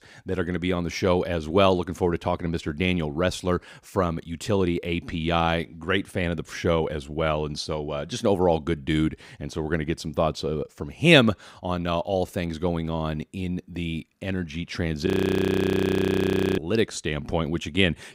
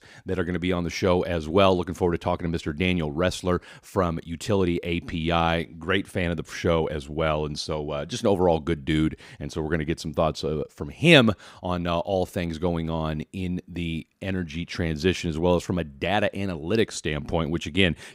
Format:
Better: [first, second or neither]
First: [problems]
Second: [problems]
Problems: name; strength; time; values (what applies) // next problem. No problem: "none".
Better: second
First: audio freezing; at 15 s for 1.5 s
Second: none